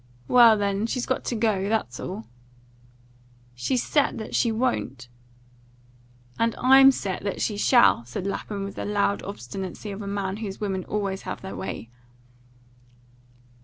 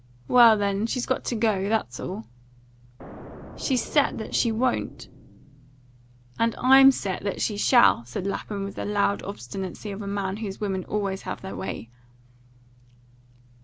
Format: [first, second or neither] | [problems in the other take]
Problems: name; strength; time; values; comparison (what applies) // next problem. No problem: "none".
first | background sound (Explosion); 16 dB below the speech